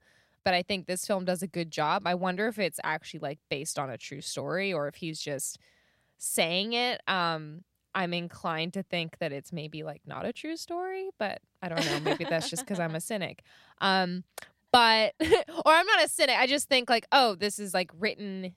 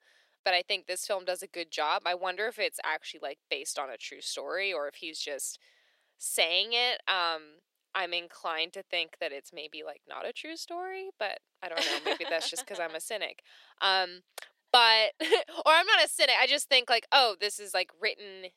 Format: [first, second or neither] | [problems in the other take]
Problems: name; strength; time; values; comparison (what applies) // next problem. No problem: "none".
first | thin; very; fading below 350 Hz